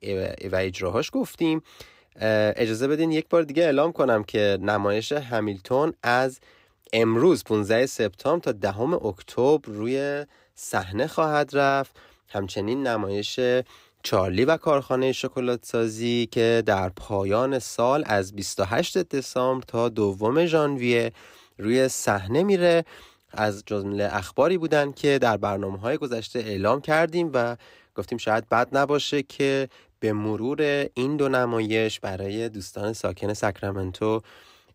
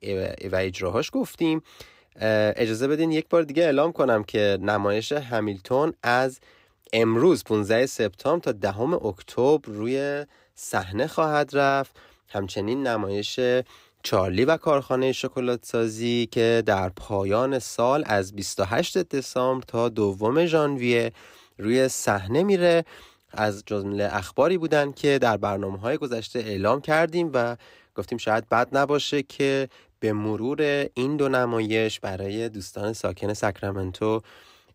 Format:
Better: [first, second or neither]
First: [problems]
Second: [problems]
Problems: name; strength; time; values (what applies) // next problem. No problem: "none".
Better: neither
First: none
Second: none